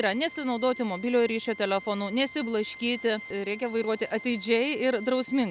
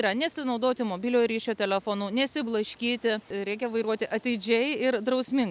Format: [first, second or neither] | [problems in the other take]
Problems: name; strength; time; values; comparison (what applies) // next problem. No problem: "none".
second | background sound (Organ); 17 dB below the speech